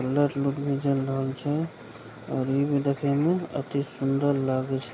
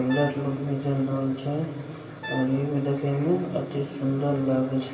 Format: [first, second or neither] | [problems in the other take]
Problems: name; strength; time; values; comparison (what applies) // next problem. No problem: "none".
first | background sound (Brass instrument); 16 dB below the speech // room echo; dies away in 2.4 s